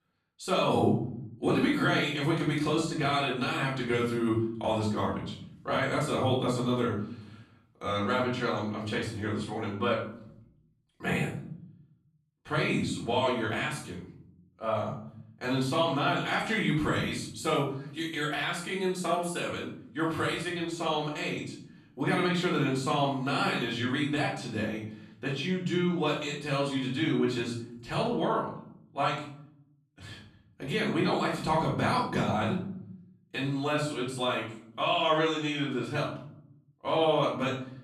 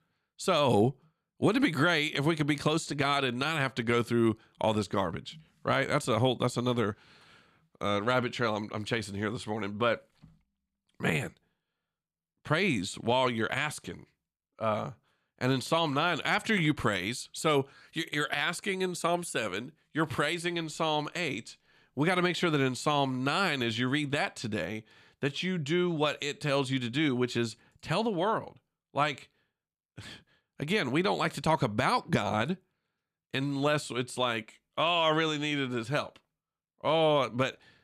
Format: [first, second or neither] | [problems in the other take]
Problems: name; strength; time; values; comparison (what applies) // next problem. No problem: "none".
second | off-mic speech; far // room echo; noticeable; dies away in 0.6 s